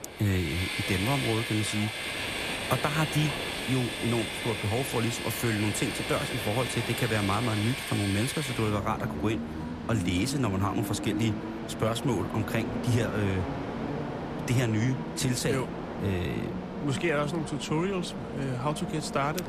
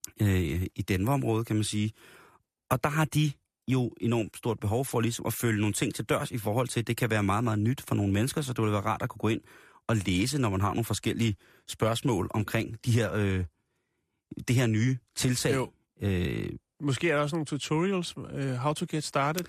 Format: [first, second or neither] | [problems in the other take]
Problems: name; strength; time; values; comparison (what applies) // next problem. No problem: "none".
second | train or aircraft noise; loud; throughout; 4 dB below the speech